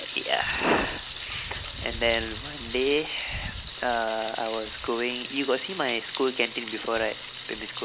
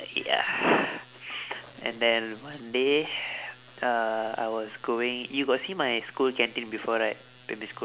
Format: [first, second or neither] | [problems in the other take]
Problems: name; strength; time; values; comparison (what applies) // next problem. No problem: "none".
second | background sound (Thunder); 9 dB below the speech